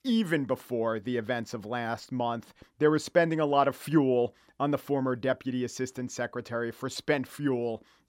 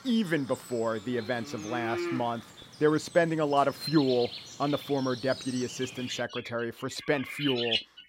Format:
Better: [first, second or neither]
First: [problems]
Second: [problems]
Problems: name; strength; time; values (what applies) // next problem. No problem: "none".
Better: first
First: none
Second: animal sounds; loud; throughout; 7 dB below the speech